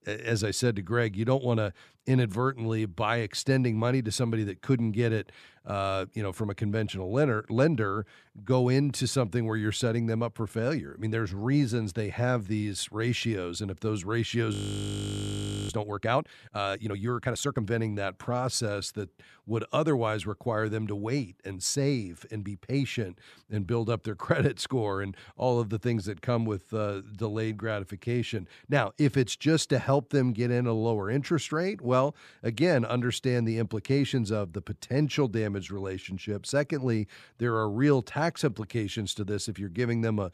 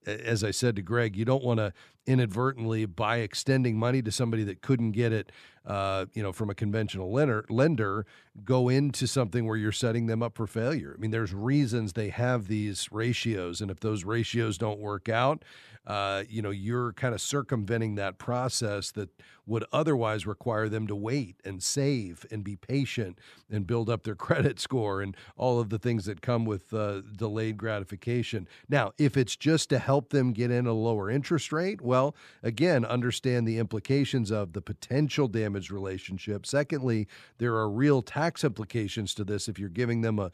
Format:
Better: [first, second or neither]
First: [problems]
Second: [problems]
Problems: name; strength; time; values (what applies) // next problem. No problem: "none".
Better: second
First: audio freezing; at 15 s for 1 s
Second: none